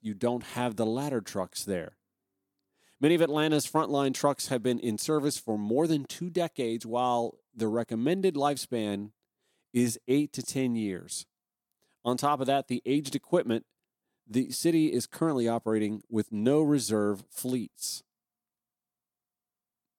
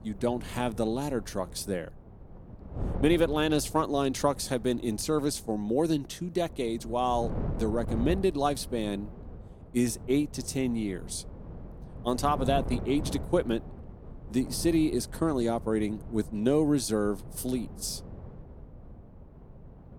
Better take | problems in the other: first | wind noise on the microphone; occasional gusts; 15 dB below the speech

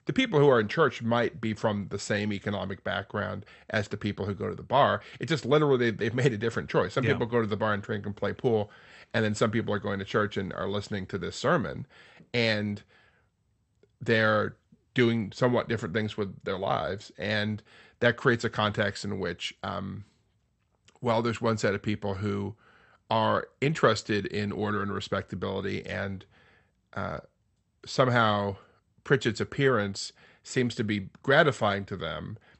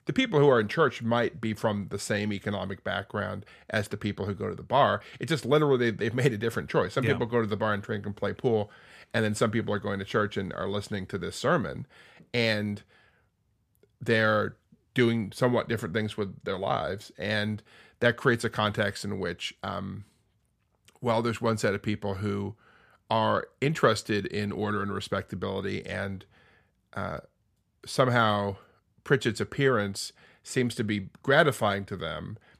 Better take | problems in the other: second | garbled, watery; slightly; nothing above 8 kHz

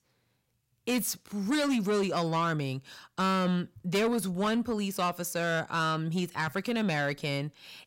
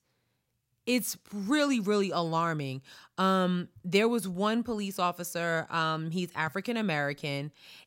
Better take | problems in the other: second | distortion; slight; 10 dB below the speech

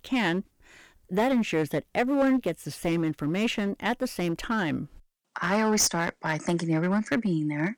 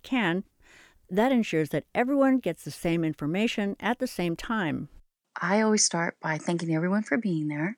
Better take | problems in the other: second | distortion; slight; 6% of the sound clipped

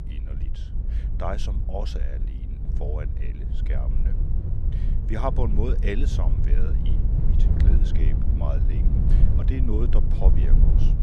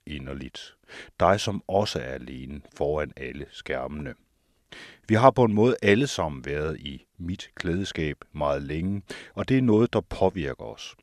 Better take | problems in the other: second | low rumble; loud; throughout; 5 dB below the speech

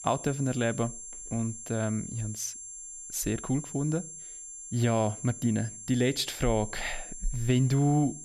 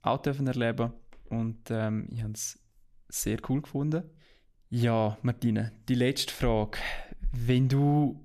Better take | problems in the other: second | high-pitched whine; noticeable; throughout; 7.5 kHz, 10 dB below the speech

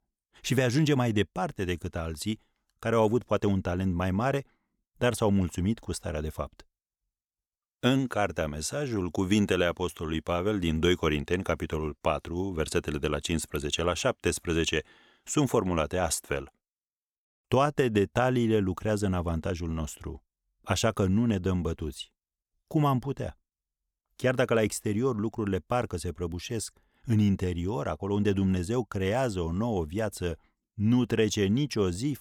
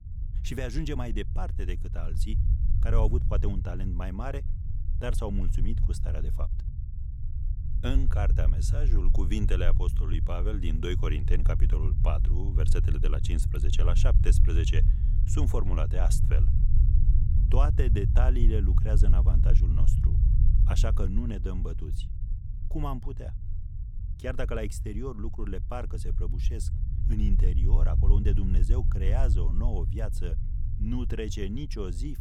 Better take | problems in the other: first | low rumble; loud; throughout; 7 dB below the speech

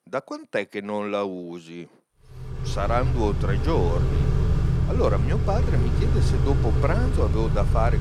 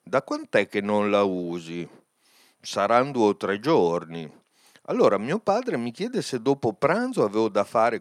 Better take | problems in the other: second | traffic noise; very loud; from 2.5 s on; 4 dB above the speech

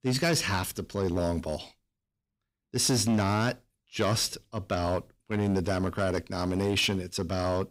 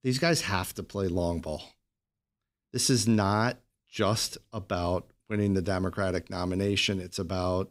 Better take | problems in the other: second | distortion; slight; 6% of the sound clipped

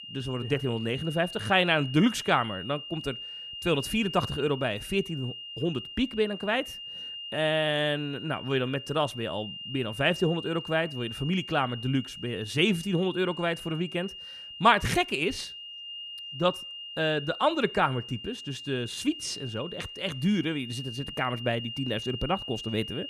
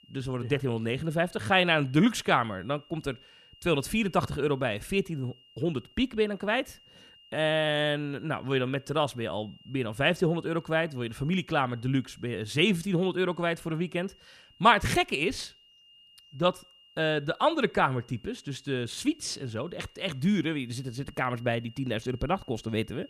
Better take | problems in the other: second | high-pitched whine; loud; throughout; 3 kHz, 10 dB below the speech; faint in the second

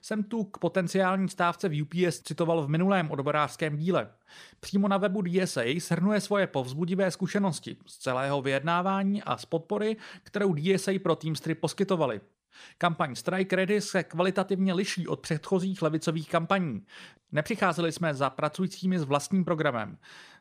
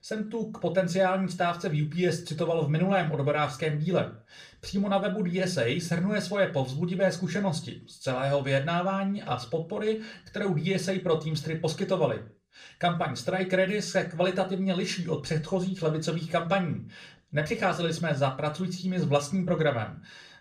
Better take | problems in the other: first | room echo; very slight; dies away in 0.3 s // off-mic speech; far

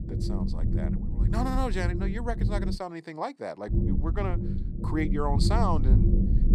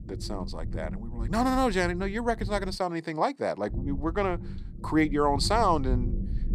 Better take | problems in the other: second | low rumble; loud; until 3 s and from 3.5 s on; 6 dB below the speech; faint in the second

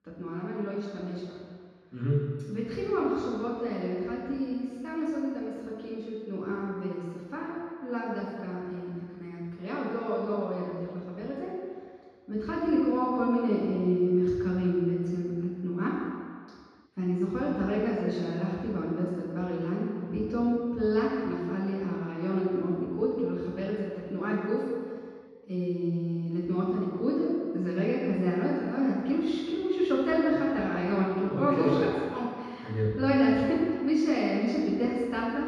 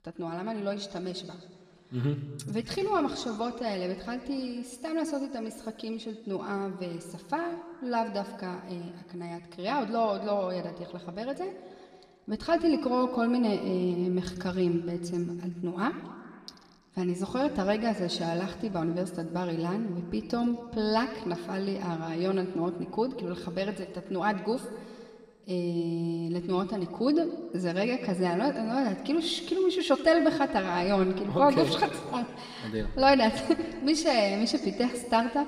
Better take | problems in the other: second | room echo; strong; dies away in 1.8 s; slight in the second // off-mic speech; far

